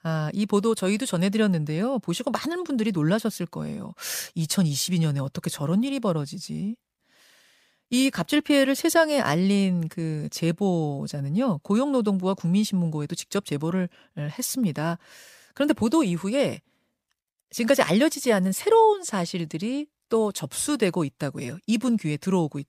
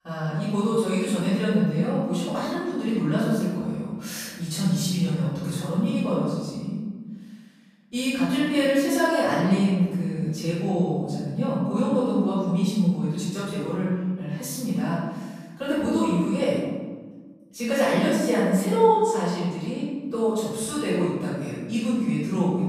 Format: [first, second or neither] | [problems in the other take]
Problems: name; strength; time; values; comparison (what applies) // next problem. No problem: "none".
first | off-mic speech; far // room echo; strong; dies away in 1.3 s